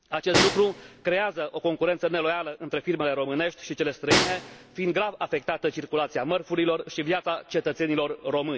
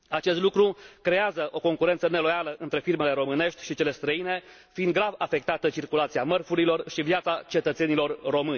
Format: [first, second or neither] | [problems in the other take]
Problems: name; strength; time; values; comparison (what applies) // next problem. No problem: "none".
second | background sound (Snare drum); 4 dB below the speech